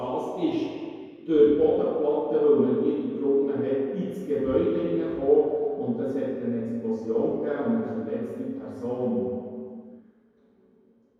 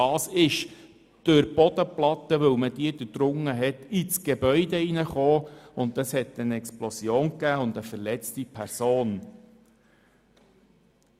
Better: second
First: room echo; dies away in 2.2 s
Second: none

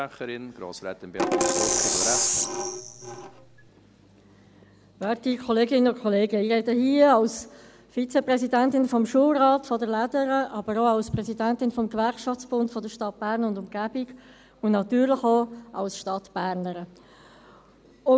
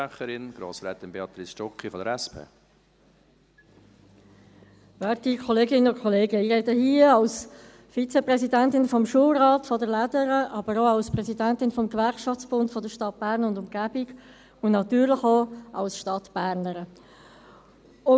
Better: second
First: background sound (Percussion); as loud as the speech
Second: none

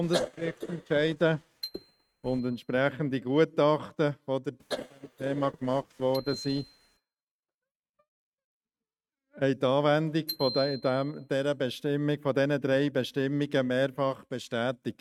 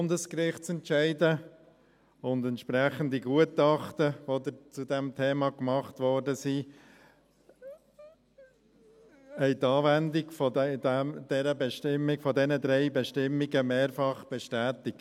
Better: second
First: noise reduction (neural mask model RNNoise)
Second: none

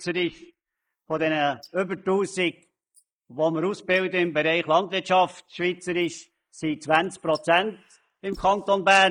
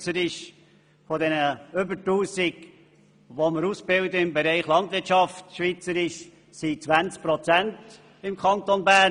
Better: second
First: noise reduction (neural mask model Resemble Enhance denoiser)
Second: none

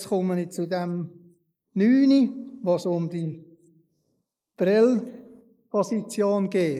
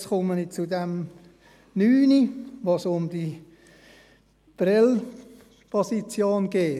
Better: second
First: noise reduction (neural mask model Resemble Enhance denoiser)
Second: none

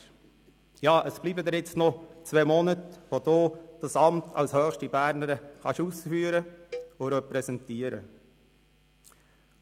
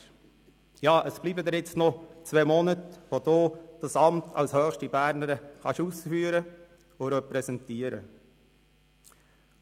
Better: second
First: background sound (Cowbell); 18 dB below the speech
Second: none

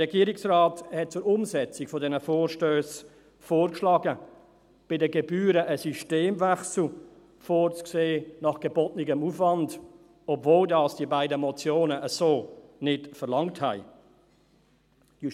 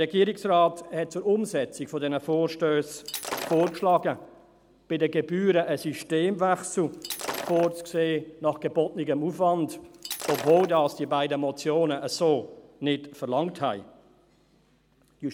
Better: first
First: none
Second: background sound (Shatter); 10 dB below the speech

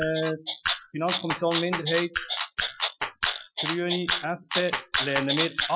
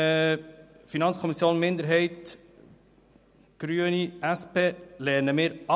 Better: second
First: noise reduction (classical method Wiener filter)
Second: none

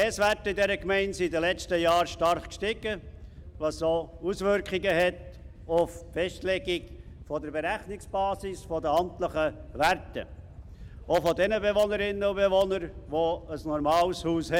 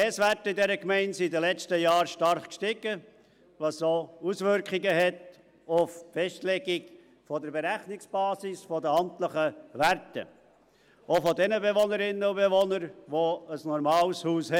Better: second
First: background sound (Wind / Boat, Water vehicle); 17 dB below the speech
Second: none

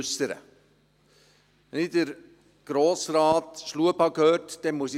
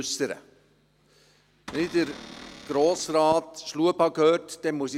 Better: first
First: none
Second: background sound (Cupboard open or close / Door); 16 dB below the speech

